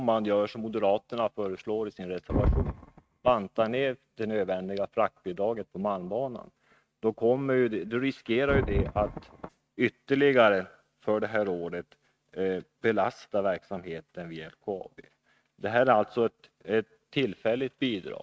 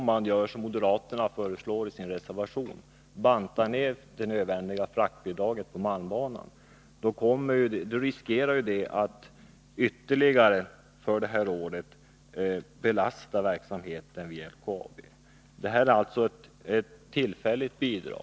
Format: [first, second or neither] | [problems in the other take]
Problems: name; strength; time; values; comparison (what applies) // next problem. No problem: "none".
second | noise reduction (neural mask model RNNoise)